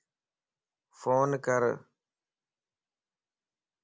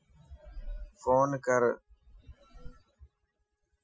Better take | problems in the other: first | noise reduction (classical method Wiener filter)

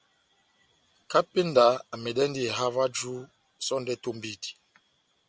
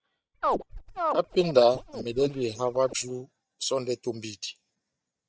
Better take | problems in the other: first | noise reduction (neural mask model DeepFilterNet 3)

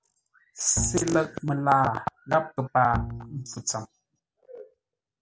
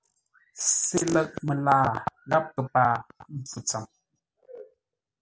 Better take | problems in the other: second | background sound (Bowed string instrument); 8 dB below the speech

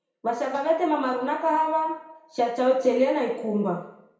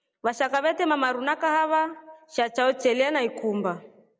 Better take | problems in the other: second | room echo; dies away in 0.6 s

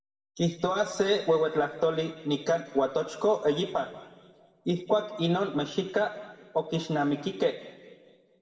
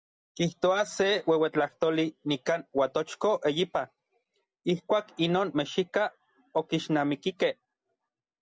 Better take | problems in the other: second | room echo; dies away in 1.5 s

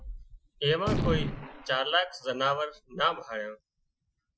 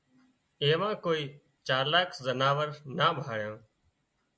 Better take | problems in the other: second | noise reduction (classical method Wiener filter)

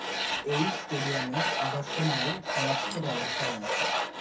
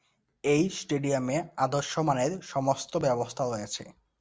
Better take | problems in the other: second | background sound (Tools); 3 dB above the speech // room echo; dies away in 0.3 s

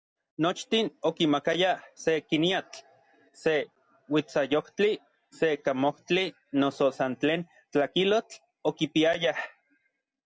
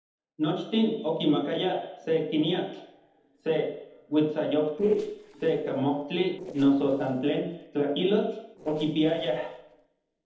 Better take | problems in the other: first | noise reduction (neural separator model SepFormer DNS4)

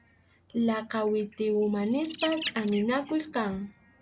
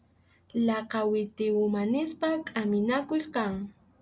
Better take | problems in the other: second | background sound (Bird); 15 dB below the speech

